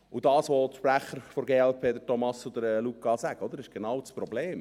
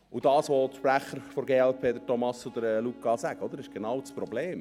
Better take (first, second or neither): first